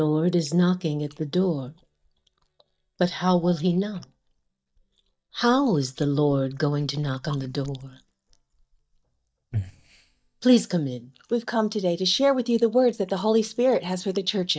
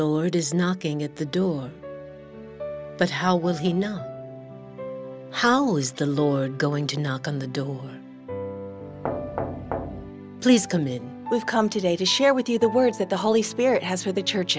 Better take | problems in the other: second | noise reduction (neural mask model DeepFilterNet 3)

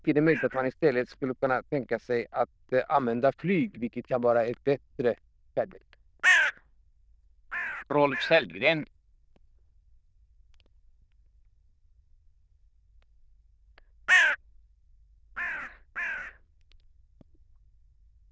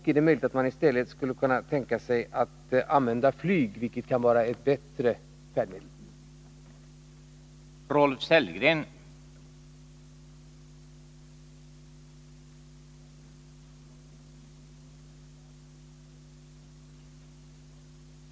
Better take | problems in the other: second | noise reduction (neural diffusion model UNIVERSE++)

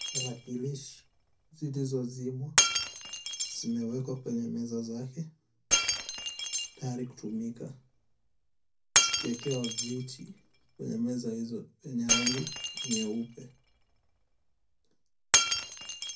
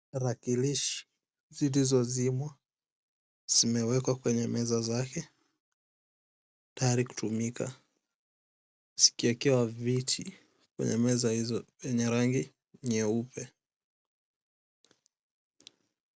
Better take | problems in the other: second | background sound (Shatter); 3 dB above the speech // room echo; dies away in 0.3 s

